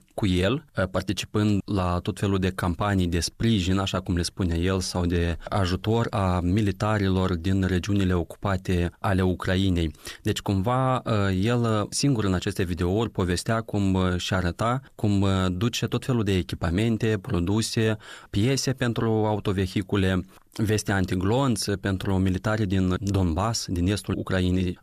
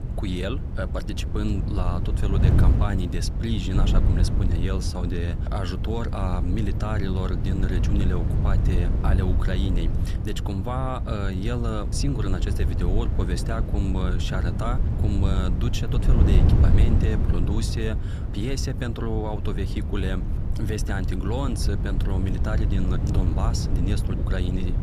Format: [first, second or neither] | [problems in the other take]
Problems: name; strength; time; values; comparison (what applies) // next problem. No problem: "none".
first | wind noise on the microphone; heavy; 5 dB below the speech